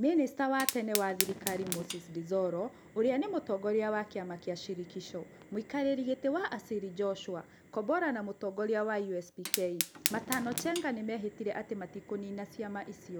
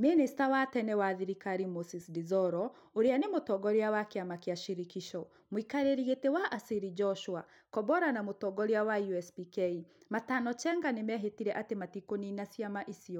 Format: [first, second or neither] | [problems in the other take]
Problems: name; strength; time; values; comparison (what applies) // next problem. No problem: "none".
second | background sound (Fire); 9 dB below the speech